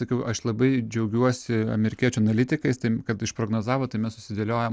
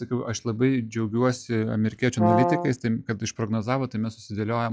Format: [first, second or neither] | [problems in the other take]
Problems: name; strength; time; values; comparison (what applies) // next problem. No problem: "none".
first | noise reduction (classical method log-MMSE)